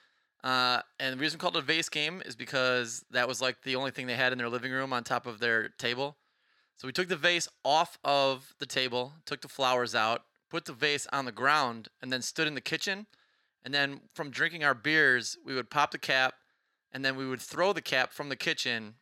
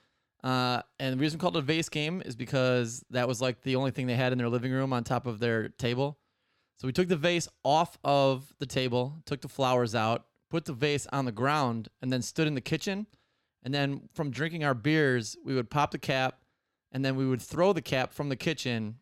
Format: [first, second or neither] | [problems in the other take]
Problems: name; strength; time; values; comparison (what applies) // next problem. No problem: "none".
second | thin; somewhat; fading below 600 Hz